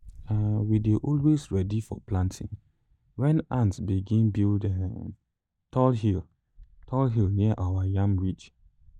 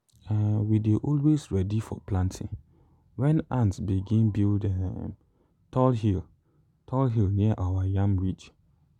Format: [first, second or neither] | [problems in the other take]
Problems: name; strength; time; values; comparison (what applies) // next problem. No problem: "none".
second | noise reduction (neural mask model DeepFilterNet 3)